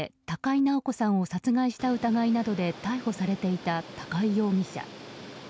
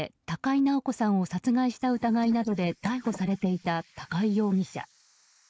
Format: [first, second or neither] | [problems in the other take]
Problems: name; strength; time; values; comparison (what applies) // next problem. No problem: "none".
first | noise reduction (neural mask model Resemble Enhance denoiser)